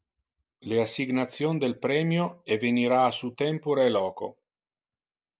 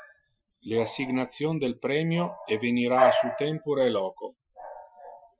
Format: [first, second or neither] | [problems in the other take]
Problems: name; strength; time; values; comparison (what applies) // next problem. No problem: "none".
first | noise reduction (classical method Wiener filter)